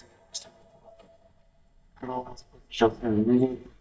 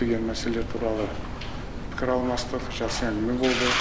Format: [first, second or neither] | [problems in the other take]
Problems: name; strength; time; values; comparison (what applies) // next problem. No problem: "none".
second | noise reduction (neural mask model DeepFilterNet 3)